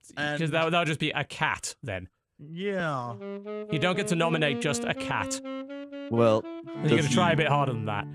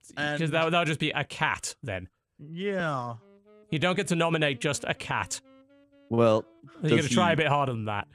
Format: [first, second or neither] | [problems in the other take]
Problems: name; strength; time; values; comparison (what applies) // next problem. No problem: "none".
second | background music; loud; from 3 s on; 9 dB below the speech; faint in the second